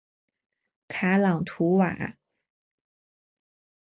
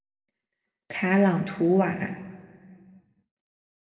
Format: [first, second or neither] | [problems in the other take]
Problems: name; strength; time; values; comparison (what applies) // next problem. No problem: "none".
first | room echo; dies away in 1.4 s